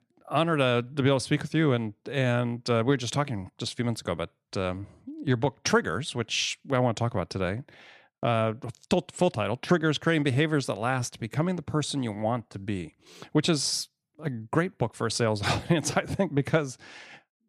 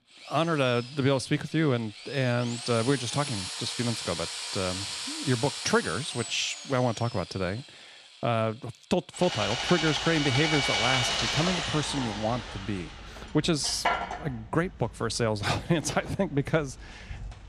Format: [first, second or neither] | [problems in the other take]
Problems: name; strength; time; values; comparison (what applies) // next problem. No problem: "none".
first | machinery noise; loud; throughout; 3 dB below the speech